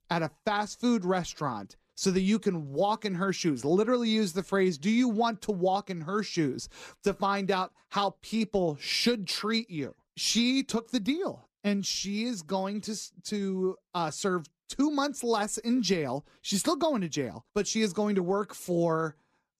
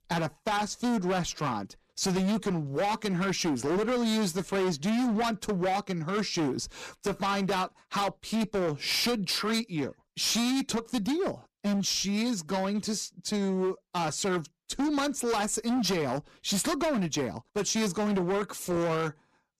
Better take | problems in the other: first | distortion; heavy; 22% of the sound clipped

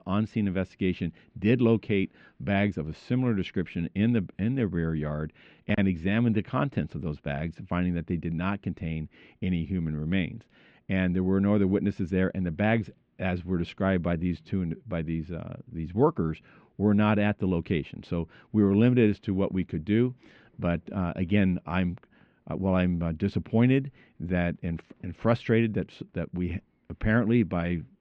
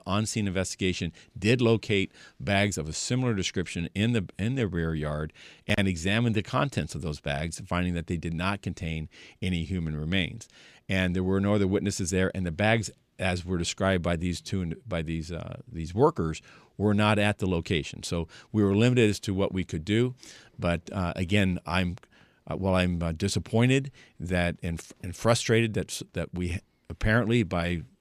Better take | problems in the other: second | muffled; very; fading above 2.5 kHz

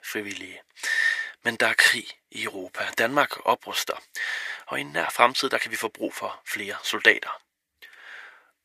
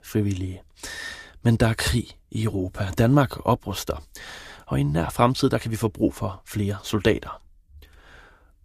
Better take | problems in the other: second | thin; very; fading below 600 Hz

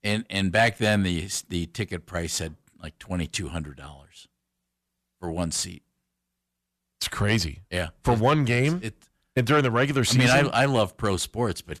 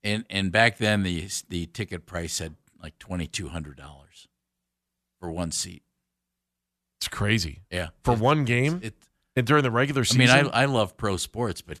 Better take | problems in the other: second | distortion; slight; 10 dB below the speech

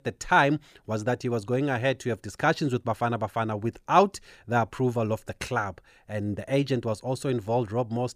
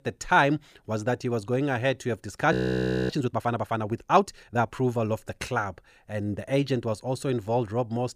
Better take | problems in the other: first | audio freezing; at 2.5 s for 0.5 s

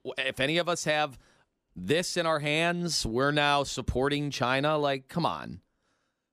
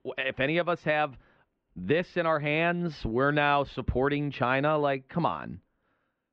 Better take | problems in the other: first | muffled; very; fading above 3 kHz

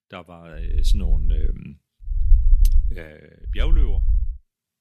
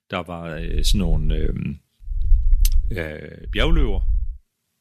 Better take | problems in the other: second | low rumble; loud; at 0.5 s, at 2 s and at 3.5 s; 8 dB below the speech; faint in the second

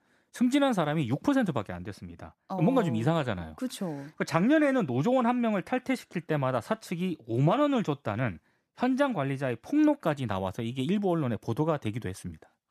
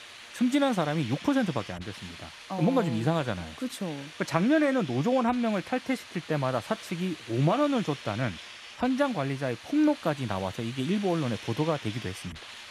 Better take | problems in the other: first | hiss; noticeable; throughout; 15 dB below the speech

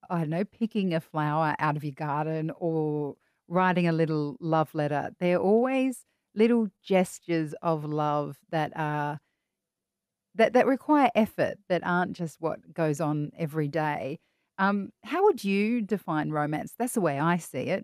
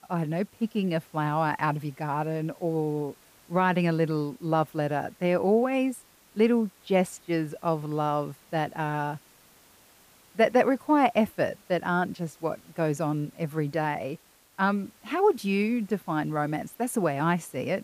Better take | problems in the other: first | hiss; faint; throughout; 30 dB below the speech

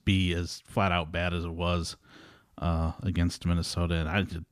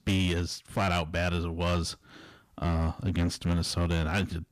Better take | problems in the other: first | distortion; slight; 12% of the sound clipped

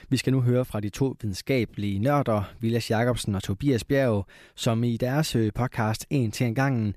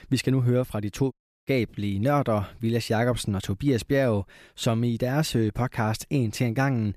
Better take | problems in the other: first | audio cutting out; at 1 s

